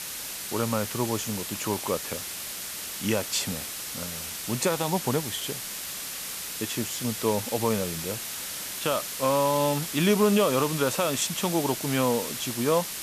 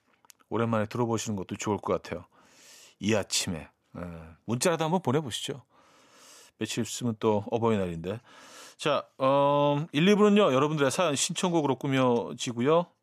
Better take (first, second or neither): second